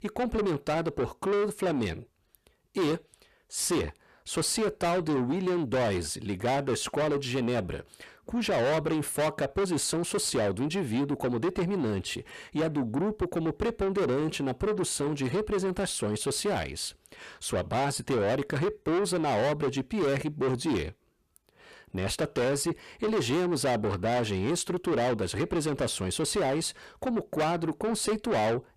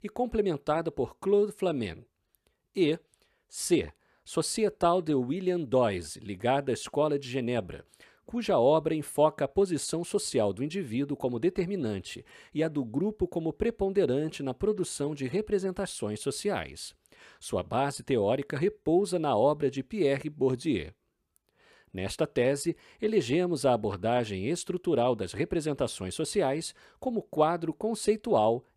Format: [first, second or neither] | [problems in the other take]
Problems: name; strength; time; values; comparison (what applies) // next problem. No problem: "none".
second | distortion; heavy; 6 dB below the speech